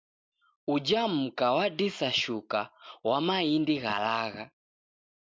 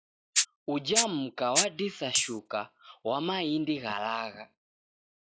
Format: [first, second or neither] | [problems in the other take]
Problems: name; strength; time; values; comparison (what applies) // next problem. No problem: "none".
first | noise reduction (classical method log-MMSE)